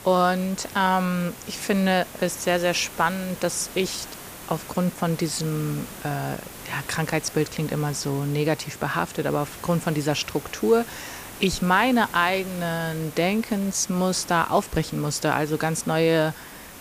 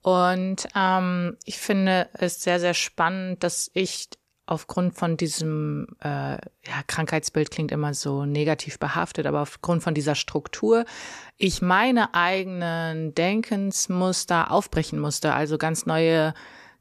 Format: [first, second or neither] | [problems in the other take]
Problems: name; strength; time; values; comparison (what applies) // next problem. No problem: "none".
second | hiss; noticeable; throughout; 15 dB below the speech